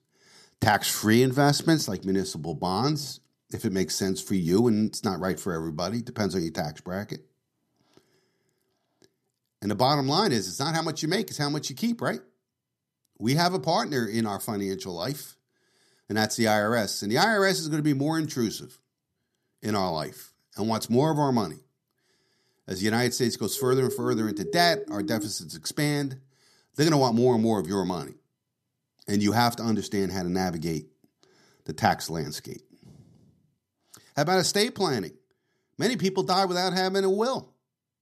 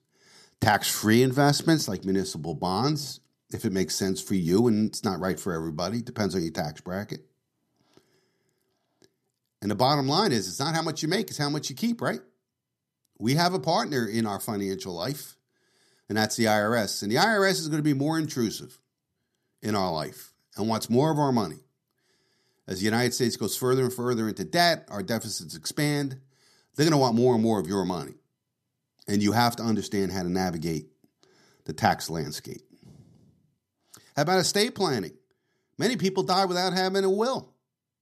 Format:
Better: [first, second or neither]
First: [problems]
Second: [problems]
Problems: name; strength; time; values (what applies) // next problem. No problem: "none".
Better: second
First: siren; noticeable; from 24 to 25 s; peak 8 dB below the speech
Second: none